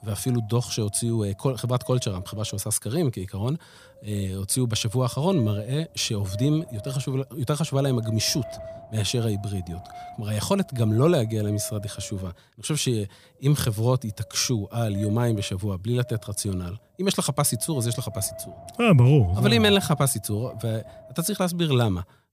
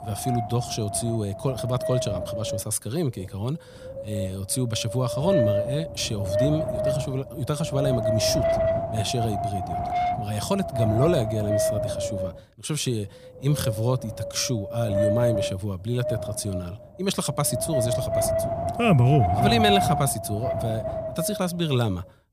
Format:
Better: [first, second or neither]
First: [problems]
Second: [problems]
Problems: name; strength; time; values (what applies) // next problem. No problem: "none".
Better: first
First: wind noise on the microphone; occasional gusts; 15 dB below the speech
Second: wind noise on the microphone; heavy; 3 dB above the speech